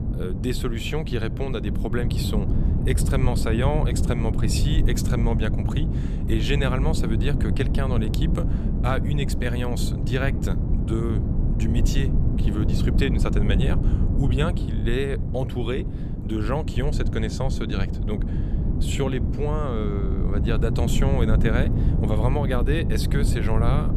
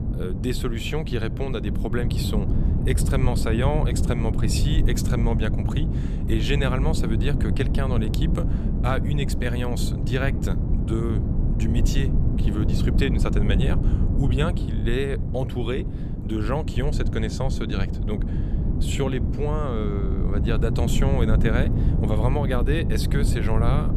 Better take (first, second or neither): neither